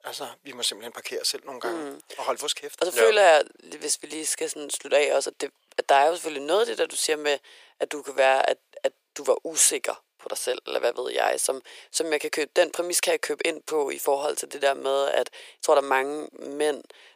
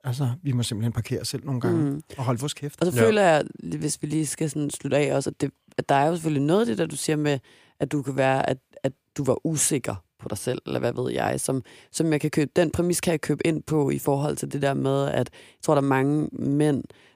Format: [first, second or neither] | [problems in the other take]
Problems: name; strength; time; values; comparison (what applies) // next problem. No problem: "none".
second | thin; very; fading below 500 Hz